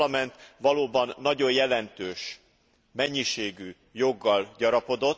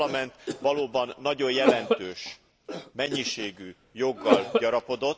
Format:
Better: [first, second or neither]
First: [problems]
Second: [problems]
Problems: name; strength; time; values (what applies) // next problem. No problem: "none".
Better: first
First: none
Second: background sound (Cough); 2 dB below the speech